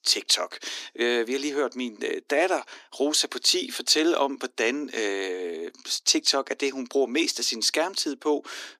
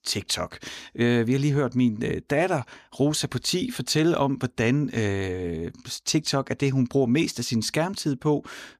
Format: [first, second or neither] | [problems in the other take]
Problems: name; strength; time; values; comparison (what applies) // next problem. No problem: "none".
second | thin; somewhat; fading below 300 Hz